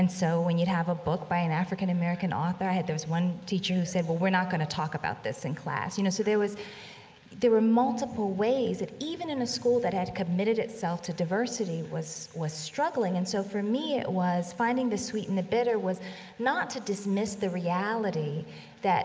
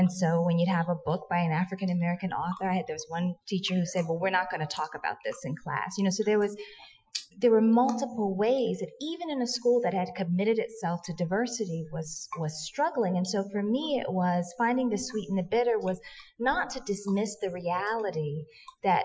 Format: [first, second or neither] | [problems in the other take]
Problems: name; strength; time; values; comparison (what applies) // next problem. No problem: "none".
first | noise reduction (classical method Wiener filter)